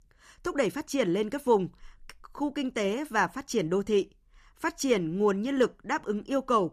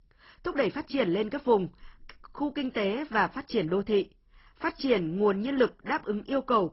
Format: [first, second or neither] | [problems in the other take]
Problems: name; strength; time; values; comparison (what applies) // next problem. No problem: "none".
first | garbled, watery; badly; nothing above 5.5 kHz